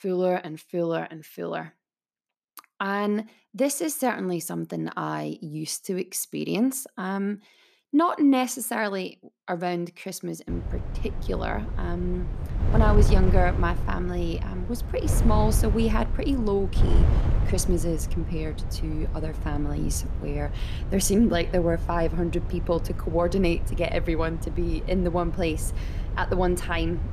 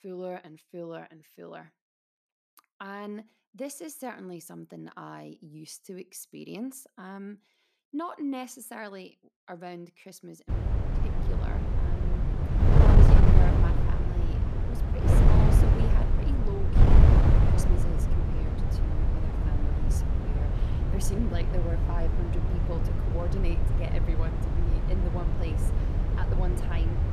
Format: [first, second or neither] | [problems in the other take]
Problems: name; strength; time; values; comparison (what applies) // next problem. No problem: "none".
first | wind noise on the microphone; heavy; from 10 s on; 5 dB above the speech; occasional gusts in the first